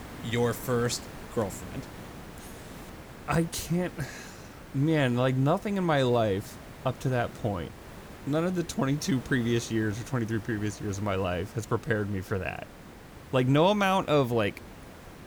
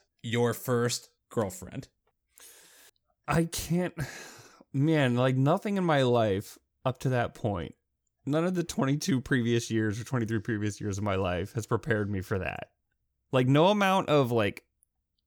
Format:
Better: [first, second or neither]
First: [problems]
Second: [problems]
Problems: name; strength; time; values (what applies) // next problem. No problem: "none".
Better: second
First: hiss; noticeable; throughout; 15 dB below the speech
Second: none